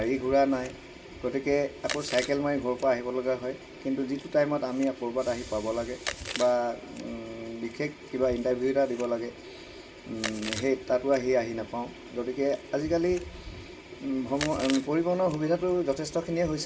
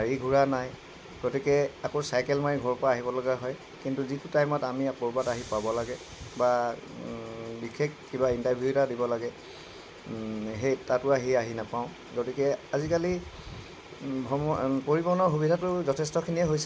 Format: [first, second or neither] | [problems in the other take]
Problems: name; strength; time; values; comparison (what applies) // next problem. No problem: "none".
second | background sound (Chewing, mastication); 16 dB below the speech // room echo; dies away in 2.1 s